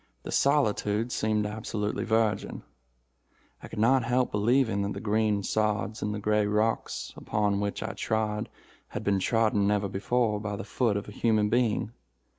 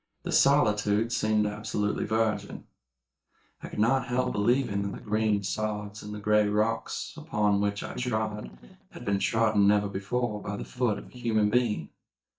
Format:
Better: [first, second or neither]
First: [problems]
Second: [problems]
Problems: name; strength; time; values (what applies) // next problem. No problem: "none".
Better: first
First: none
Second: noise reduction (neural mask model DeepFilterNet 3)